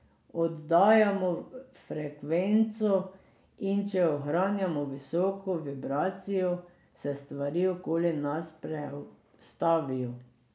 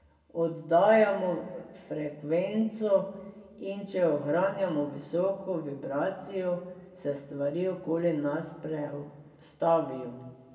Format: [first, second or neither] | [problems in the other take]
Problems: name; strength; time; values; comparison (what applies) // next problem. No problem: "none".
first | room echo; dies away in 1.4 s